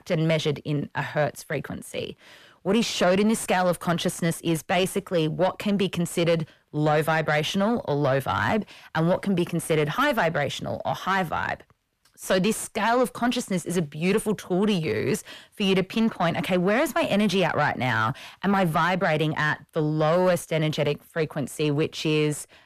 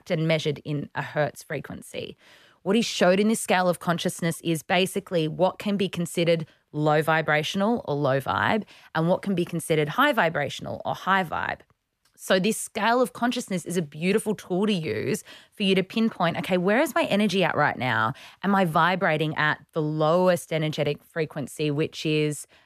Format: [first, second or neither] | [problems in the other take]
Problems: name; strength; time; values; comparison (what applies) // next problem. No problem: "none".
second | distortion; slight; 10 dB below the speech